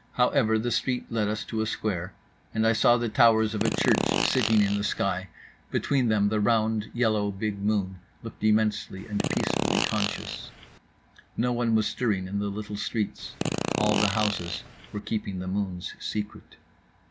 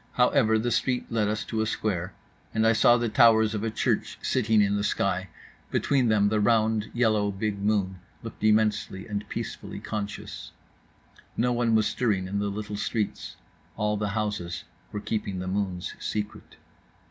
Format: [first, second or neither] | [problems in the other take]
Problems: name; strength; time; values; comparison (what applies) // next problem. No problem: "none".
second | background sound (Fart); 3 dB below the speech